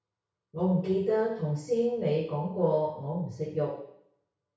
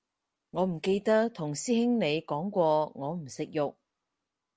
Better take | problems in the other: second | room echo; dies away in 0.6 s

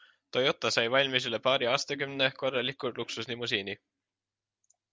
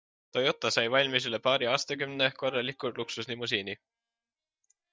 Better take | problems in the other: first | noise reduction (neural mask model DeepFilterNet 3)

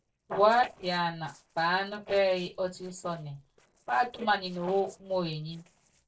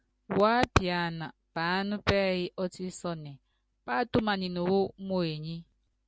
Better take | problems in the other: second | noise reduction (neural separator model SepFormer DNS4)

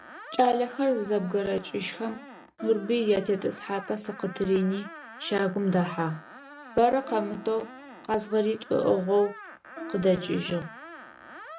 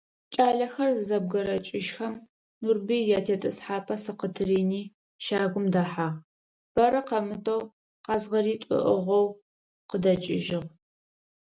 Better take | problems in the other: second | background sound (Screech + Plucked string instrument); 16 dB below the speech

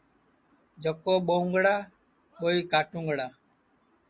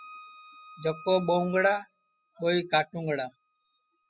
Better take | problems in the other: first | noise reduction (classical method spectral subtraction)

